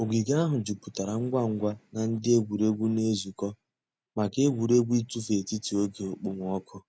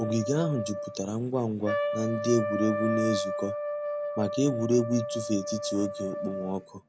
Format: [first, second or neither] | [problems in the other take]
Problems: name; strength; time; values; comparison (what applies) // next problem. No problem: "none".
first | background sound (Trumpet); 4 dB below the speech